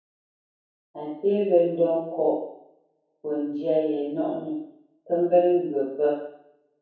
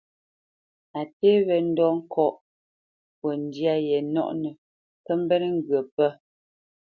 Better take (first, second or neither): second